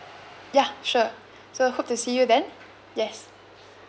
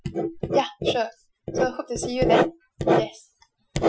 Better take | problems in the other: first | noise reduction (classical method Wiener filter)

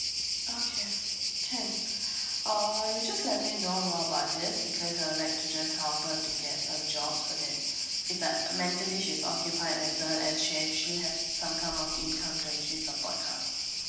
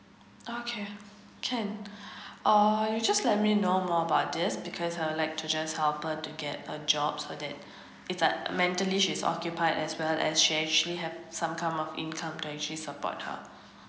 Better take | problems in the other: second | background sound (Cricket); 3 dB above the speech // room echo; dies away in 0.9 s

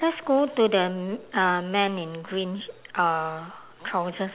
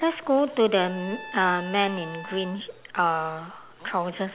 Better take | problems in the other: first | background sound (Trumpet); 15 dB below the speech

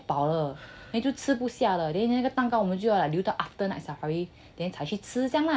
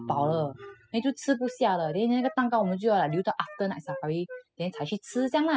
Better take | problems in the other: first | noise reduction (classical method spectral subtraction)

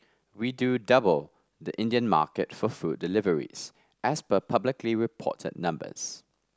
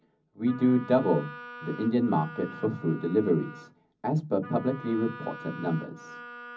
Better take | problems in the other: first | background sound (Wind instrument, woodwind instrument); 16 dB below the speech // room echo; dies away in 0.4 s

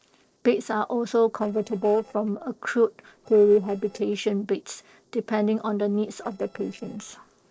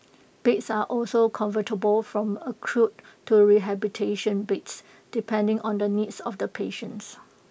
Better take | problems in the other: second | noise reduction (neural separator model SepFormer DNS4)

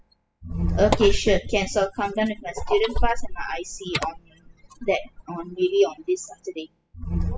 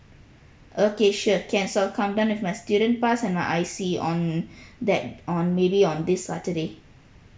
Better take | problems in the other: second | noise reduction (classical method spectral subtraction)

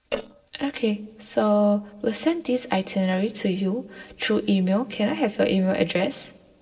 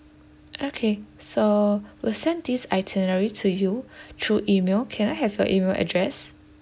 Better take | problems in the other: second | noise reduction (neural separator model SepFormer DNS4)

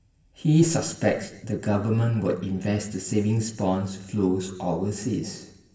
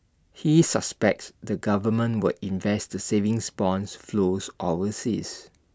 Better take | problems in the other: second | room echo; dies away in 0.9 s

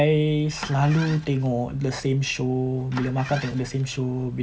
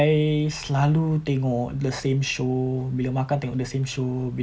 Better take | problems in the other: second | background sound (Engine starting); 16 dB below the speech

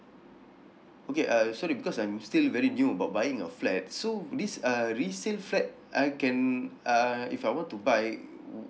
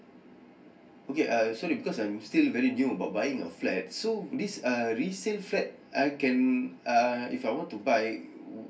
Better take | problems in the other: first | room echo; dies away in 0.2 s

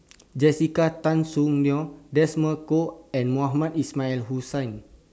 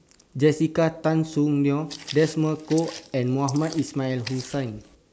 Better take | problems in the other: first | noise reduction (neural mask model Resemble Enhance denoiser)

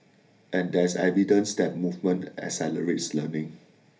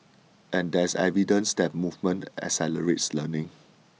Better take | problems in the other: second | room echo; dies away in 0.3 s

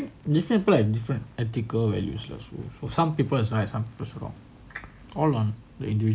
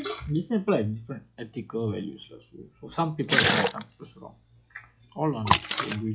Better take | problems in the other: first | noise reduction (classical method log-MMSE)

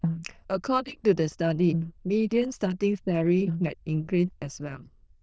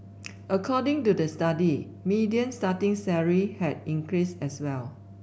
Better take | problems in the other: second | noise reduction (neural diffusion model UNIVERSE++)

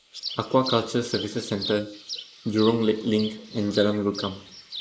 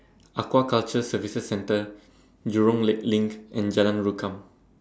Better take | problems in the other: second | noise reduction (neural mask model Resemble Enhance denoiser)

